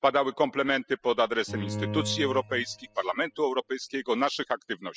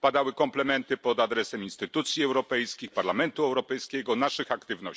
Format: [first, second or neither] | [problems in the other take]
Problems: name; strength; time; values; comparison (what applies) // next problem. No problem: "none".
second | noise reduction (classical method spectral subtraction)